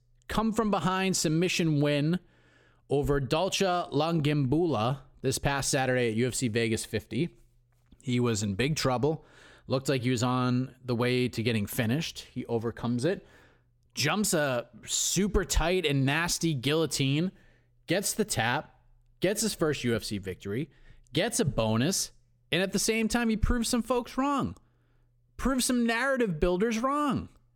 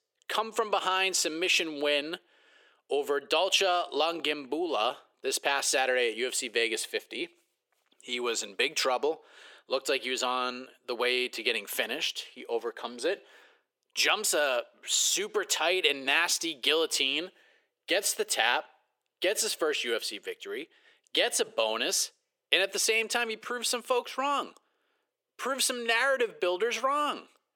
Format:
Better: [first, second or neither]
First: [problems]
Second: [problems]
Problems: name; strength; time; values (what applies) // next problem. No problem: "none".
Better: first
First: none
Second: thin; very; fading below 400 Hz